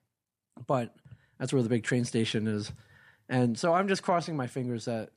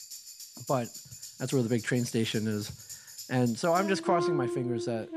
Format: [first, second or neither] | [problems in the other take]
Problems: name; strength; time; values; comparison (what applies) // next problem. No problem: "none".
first | background music; loud; throughout; 7 dB below the speech